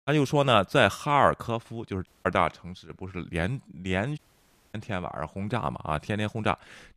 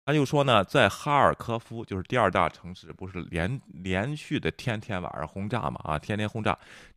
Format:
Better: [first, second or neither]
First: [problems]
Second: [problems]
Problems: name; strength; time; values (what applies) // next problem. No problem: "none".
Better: second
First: audio cutting out; at 2 s and at 4 s for 0.5 s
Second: none